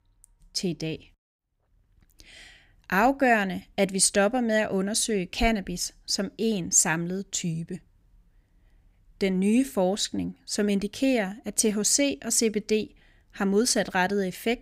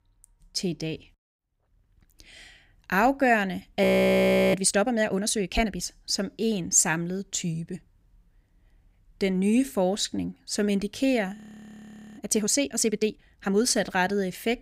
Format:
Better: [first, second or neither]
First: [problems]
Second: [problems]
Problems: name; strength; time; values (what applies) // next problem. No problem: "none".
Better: first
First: none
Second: audio freezing; at 4 s for 0.5 s and at 11 s for 1 s